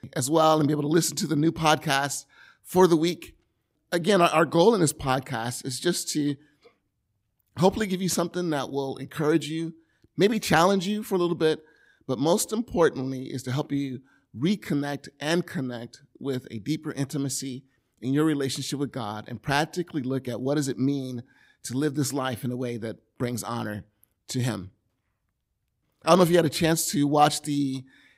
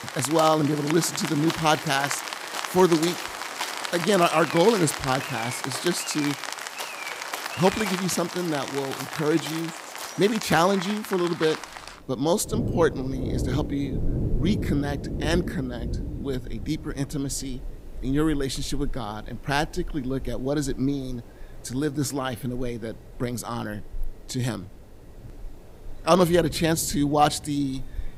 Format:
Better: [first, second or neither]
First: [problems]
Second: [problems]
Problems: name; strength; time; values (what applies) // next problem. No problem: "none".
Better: first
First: none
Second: rain or running water; loud; throughout; 7 dB below the speech